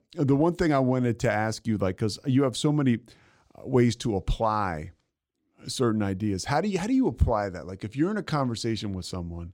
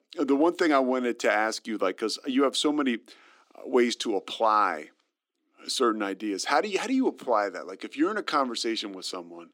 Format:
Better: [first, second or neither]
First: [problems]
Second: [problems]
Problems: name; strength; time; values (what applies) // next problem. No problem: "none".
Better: first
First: none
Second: thin; somewhat; fading below 250 Hz